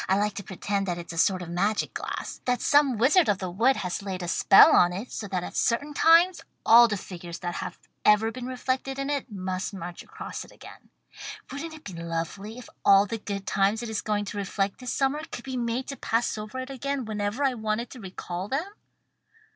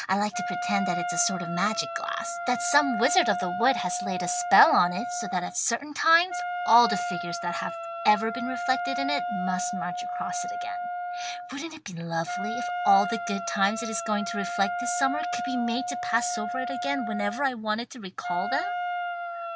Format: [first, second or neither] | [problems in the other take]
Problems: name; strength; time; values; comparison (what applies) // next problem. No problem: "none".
first | background sound (Wind instrument, woodwind instrument); 4 dB below the speech